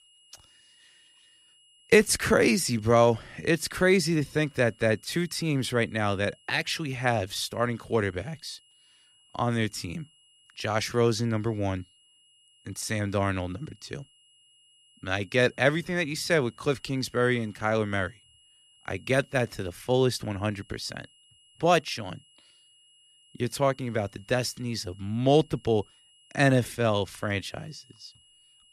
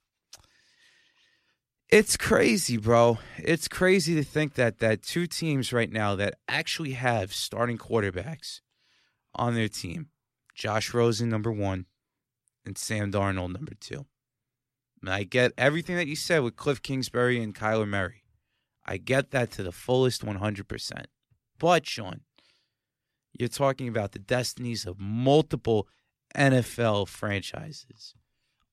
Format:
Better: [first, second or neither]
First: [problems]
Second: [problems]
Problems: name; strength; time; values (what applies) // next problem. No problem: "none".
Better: second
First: high-pitched whine; faint; throughout; 3 kHz, 30 dB below the speech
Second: none